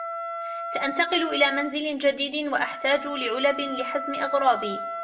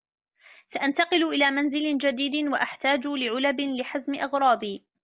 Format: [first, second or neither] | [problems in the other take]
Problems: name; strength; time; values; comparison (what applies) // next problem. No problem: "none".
second | background sound (Wind instrument, woodwind instrument); 7 dB below the speech // room echo; dies away in 0.6 s